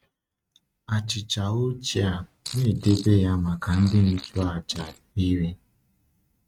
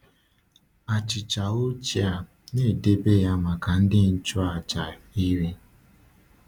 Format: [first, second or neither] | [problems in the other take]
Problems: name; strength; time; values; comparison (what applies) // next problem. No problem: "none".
second | noise reduction (neural mask model RNNoise)